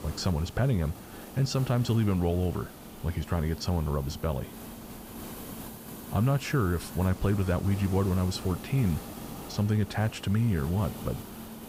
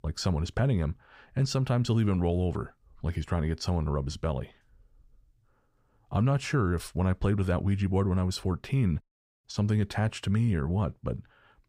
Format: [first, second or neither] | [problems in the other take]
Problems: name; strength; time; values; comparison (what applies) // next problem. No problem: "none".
second | hiss; noticeable; throughout; 15 dB below the speech